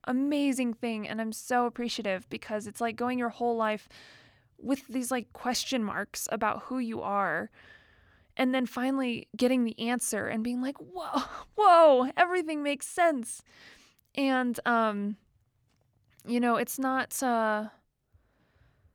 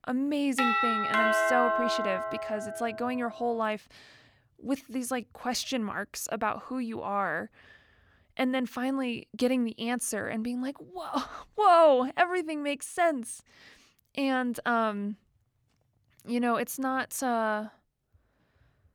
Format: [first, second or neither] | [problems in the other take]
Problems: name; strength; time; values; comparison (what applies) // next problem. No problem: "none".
first | doorbell; loud; from 0.5 to 3 s; peak 5 dB above the speech